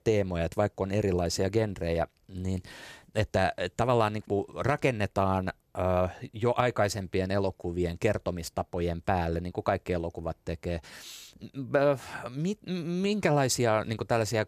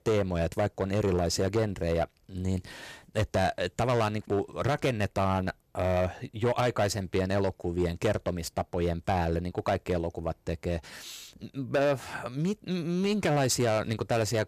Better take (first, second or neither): first